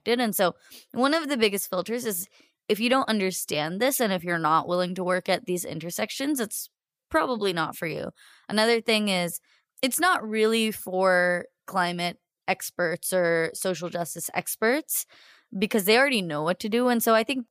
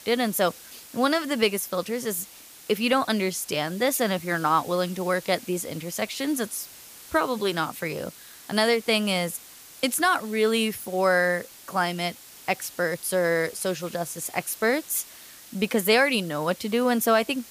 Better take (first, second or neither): first